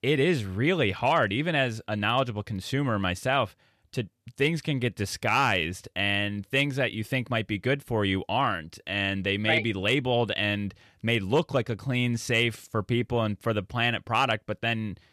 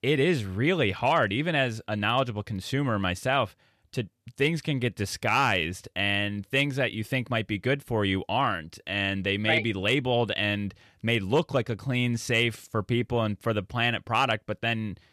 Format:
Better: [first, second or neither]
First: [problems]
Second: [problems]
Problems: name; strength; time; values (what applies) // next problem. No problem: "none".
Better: neither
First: none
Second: none